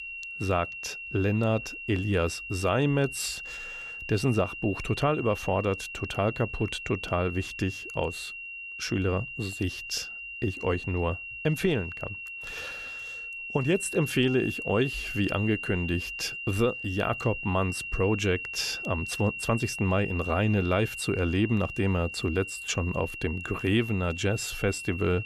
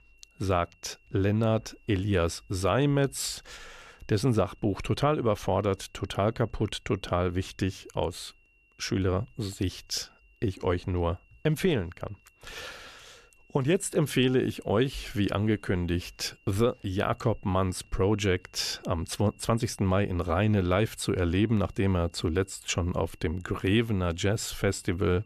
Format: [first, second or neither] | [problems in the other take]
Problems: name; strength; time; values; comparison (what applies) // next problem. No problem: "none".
second | high-pitched whine; loud; throughout; 2.5 kHz, 7 dB below the speech; faint in the second